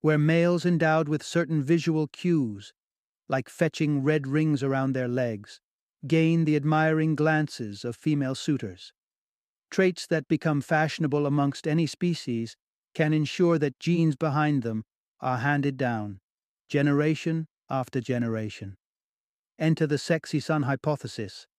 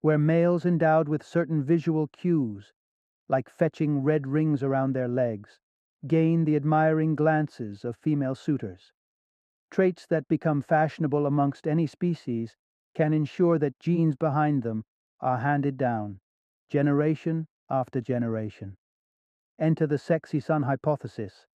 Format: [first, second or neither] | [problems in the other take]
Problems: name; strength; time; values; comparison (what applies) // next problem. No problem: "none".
first | muffled; very; fading above 2 kHz